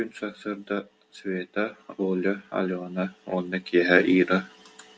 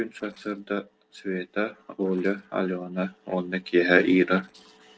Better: first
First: none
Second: noise reduction (neural separator model SepFormer DNS4)

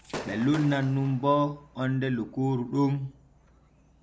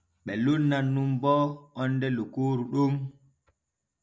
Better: second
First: background sound (Gunshot, gunfire / Fireworks); 17 dB below the speech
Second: none

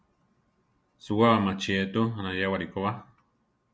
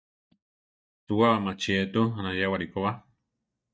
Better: first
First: none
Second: noise reduction (neural mask model DeepFilterNet 3)

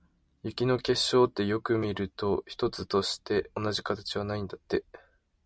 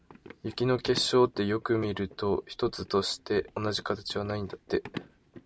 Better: first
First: none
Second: background sound (Run); 18 dB below the speech

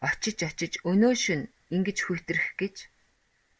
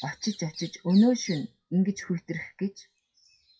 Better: first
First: none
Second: noise reduction (classical method WPE with log-MMSE)

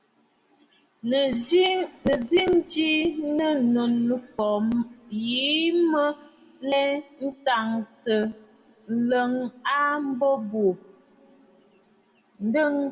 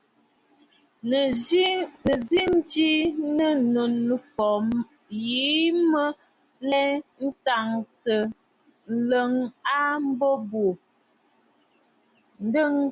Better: second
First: room echo; dies away in 2.3 s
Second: none

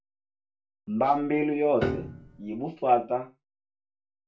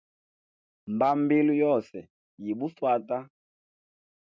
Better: second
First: background sound (Piano); 6 dB below the speech // room echo; dies away in 0.3 s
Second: none

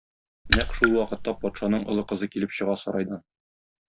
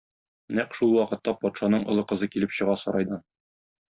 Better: second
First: background sound (Raindrop / Splash, splatter); 1 dB below the speech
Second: none

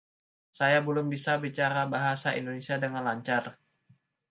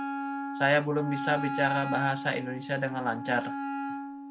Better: first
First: none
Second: background sound (Wind instrument, woodwind instrument); 4 dB below the speech

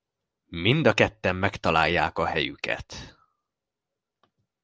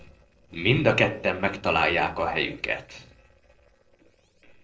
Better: first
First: none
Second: noise reduction (neural separator model SepFormer DNS4)

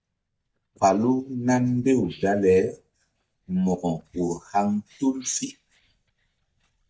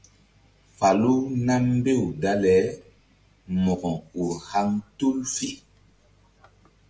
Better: second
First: noise reduction (neural mask model DeepFilterNet 3)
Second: none

